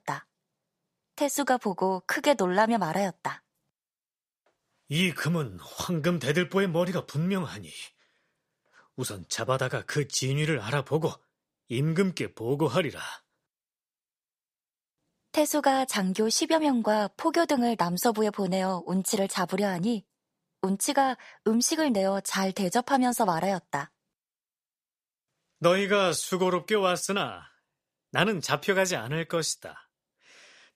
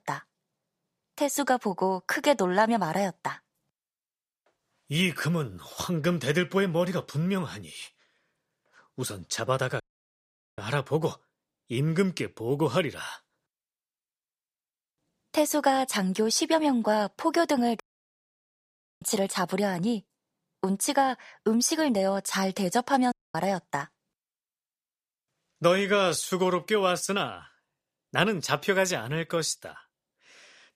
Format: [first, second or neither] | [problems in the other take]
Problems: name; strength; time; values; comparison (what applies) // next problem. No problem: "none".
first | audio cutting out; at 10 s for 1 s, at 18 s for 1 s and at 23 s